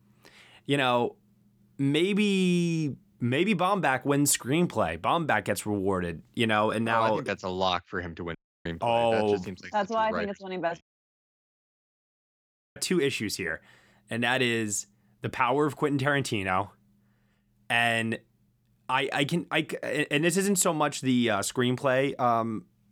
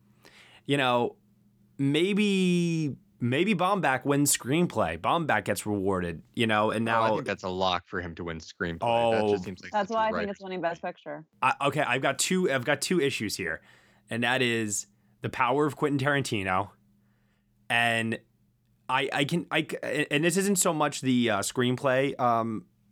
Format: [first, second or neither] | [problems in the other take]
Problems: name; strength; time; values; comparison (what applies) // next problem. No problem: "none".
second | audio cutting out; at 8.5 s and at 11 s for 2 s